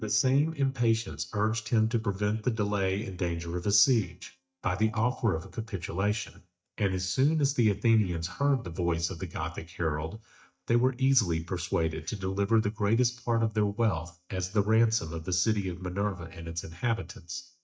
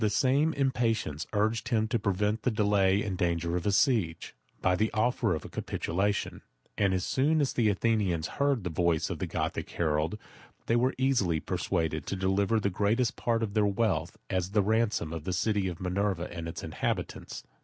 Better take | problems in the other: second | noise reduction (neural mask model DeepFilterNet 3)

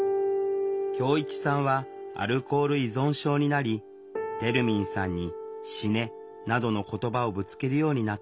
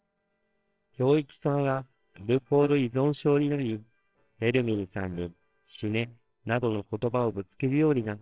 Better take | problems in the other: first | noise reduction (neural separator model SepFormer WHAMR!)

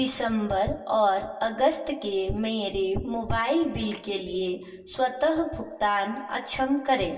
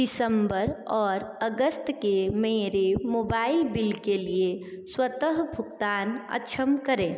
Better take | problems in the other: second | room echo; dies away in 0.2 s

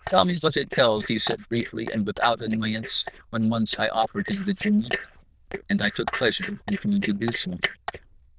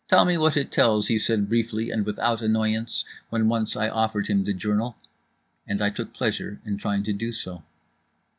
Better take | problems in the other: second | noise reduction (neural diffusion model UNIVERSE++)

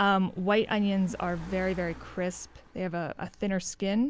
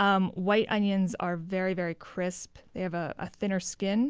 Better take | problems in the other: second | background sound (Car); 19 dB below the speech

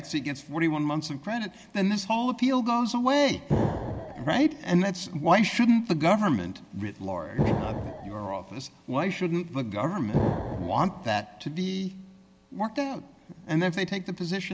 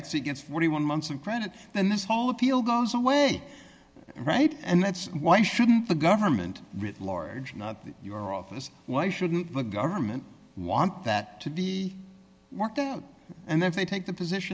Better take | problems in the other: second | background sound (Explosion); 4 dB below the speech

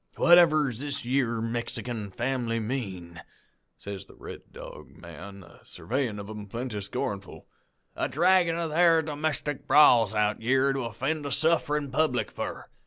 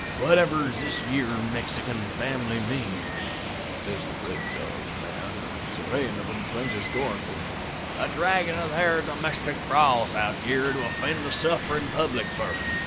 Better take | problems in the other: first | background sound (Water); 4 dB below the speech

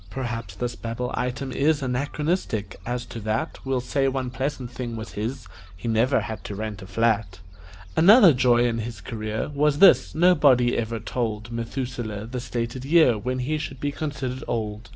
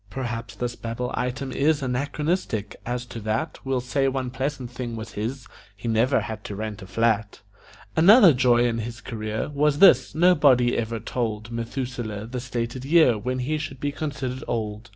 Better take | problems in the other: second | background sound (Gull, seagull); 17 dB below the speech

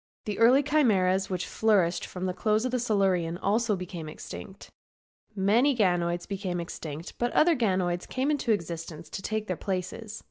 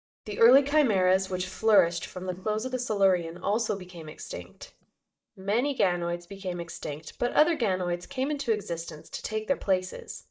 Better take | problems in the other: first | noise reduction (neural mask model DeepFilterNet 3)

